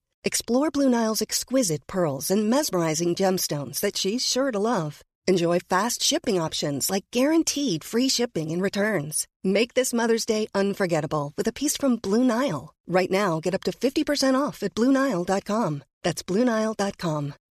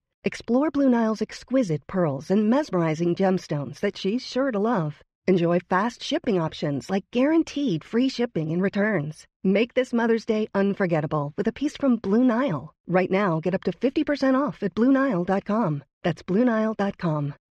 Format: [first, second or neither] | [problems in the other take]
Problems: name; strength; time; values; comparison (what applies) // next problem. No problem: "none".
first | muffled; slightly; fading above 2.5 kHz